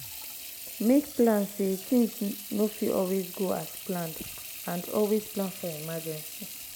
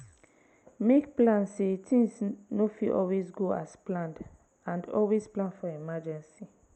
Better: second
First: background sound (Sink (filling or washing) / Water tap, faucet); 11 dB below the speech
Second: none

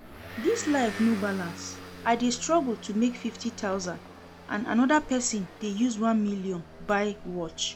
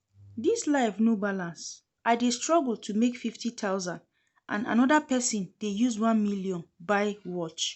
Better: second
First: background sound (Motor vehicle (road) / Engine); 15 dB below the speech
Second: none

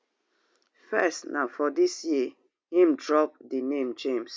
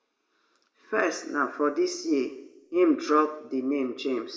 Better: first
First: none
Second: room echo; dies away in 0.7 s

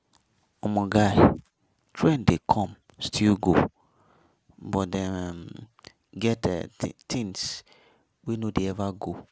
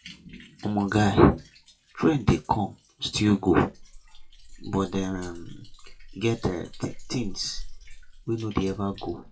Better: first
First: none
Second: noise reduction (classical method WPE with log-MMSE)

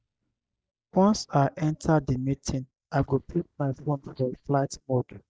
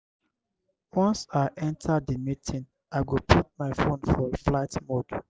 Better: second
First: noise reduction (neural mask model DeepFilterNet 3)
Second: none

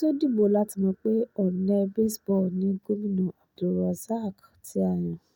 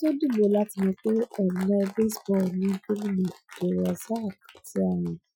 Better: first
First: none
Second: noise reduction (classical method Wiener filter)

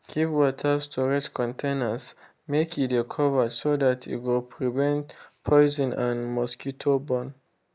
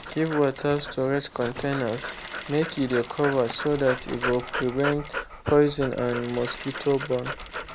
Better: first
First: none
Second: background sound (Dog + Mechanisms); 9 dB below the speech

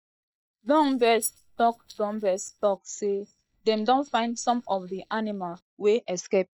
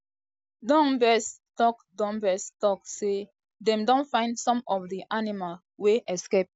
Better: second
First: noise reduction (neural mask model DeepFilterNet 3)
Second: none

